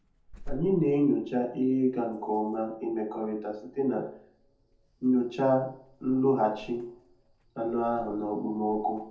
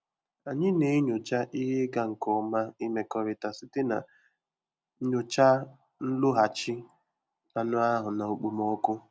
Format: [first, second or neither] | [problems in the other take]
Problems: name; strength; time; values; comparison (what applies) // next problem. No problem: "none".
second | background sound (Alarm / Insect); 18 dB below the speech // room echo; dies away in 0.5 s